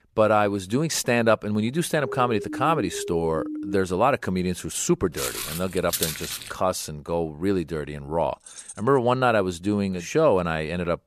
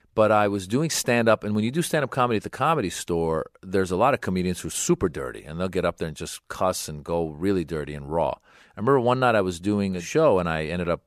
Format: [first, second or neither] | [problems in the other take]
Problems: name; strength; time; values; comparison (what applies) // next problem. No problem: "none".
second | siren; noticeable; from 2 to 4 s; peak 8 dB below the speech // footsteps; noticeable; from 5 to 6.5 s; peak 2 dB below the speech // jangling keys; faint; at 8.5 s; peak 15 dB below the speech